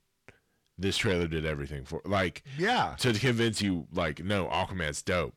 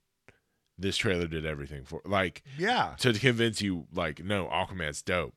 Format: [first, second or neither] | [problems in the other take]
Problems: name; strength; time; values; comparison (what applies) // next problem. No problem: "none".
second | distortion; slight; 10 dB below the speech